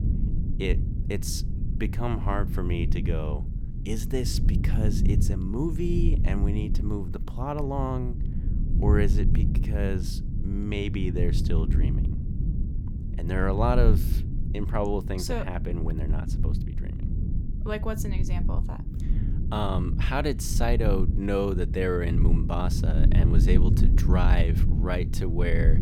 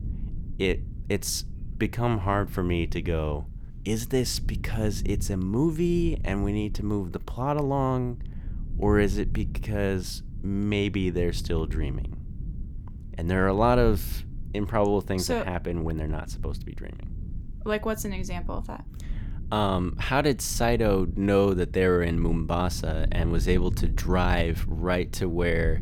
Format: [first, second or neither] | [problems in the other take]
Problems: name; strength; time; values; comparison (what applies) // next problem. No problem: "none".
second | low rumble; loud; throughout; 8 dB below the speech; faint in the second